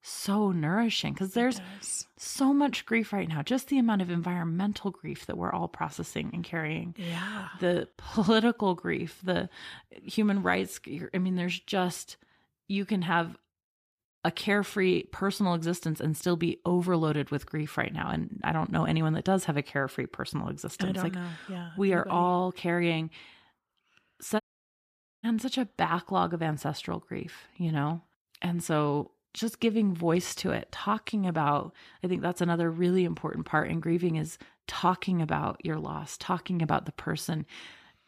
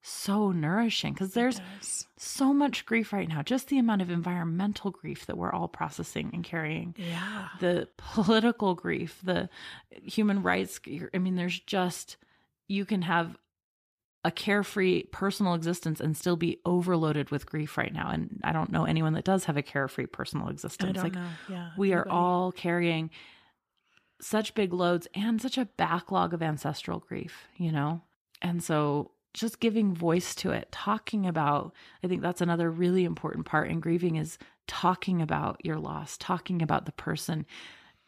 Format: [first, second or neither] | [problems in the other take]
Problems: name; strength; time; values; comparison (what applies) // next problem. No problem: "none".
second | audio cutting out; at 24 s for 1 s